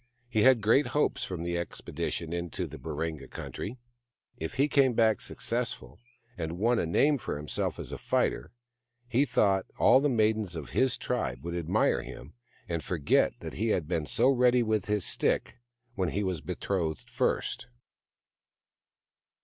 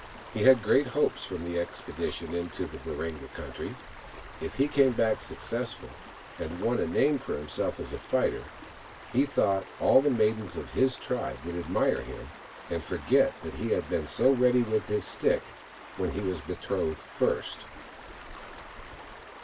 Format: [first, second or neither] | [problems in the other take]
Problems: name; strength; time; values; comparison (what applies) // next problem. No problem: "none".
first | background sound (Stream); 16 dB below the speech // room echo; dies away in 0.1 s